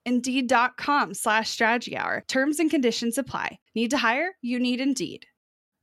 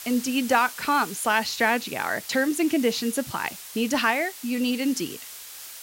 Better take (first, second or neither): first